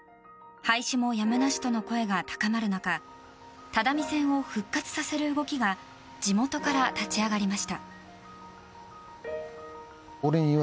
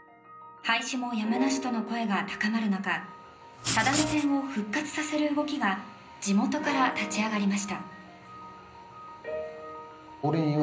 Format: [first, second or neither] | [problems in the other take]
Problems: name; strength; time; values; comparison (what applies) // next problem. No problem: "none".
first | background sound (Writing); 3 dB below the speech // room echo; dies away in 0.5 s